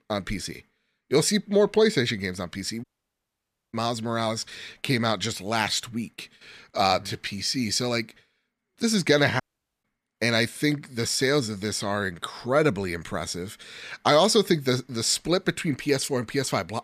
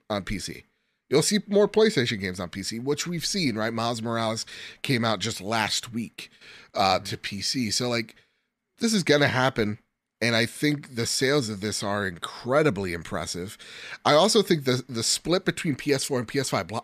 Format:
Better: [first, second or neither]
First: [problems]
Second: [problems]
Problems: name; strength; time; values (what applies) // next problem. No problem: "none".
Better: second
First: audio cutting out; at 3 s for 1 s and at 9.5 s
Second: none